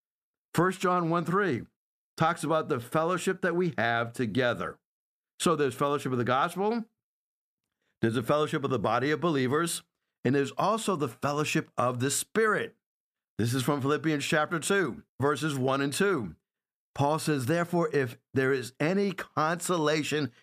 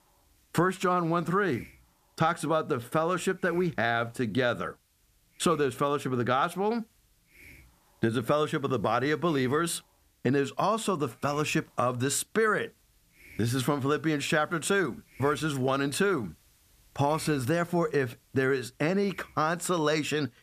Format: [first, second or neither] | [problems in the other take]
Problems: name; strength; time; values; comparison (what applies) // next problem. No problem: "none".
first | hiss; faint; throughout; 30 dB below the speech